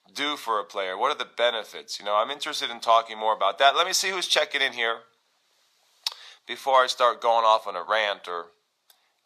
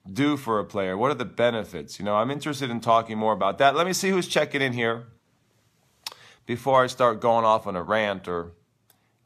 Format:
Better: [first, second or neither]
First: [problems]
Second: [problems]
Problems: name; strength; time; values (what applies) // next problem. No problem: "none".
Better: second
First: thin; very; fading below 700 Hz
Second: none